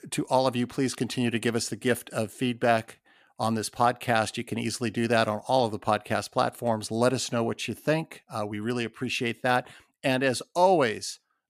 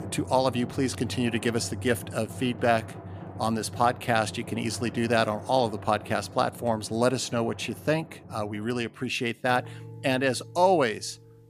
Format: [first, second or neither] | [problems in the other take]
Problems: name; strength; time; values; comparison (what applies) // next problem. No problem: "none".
first | background music; noticeable; throughout; 15 dB below the speech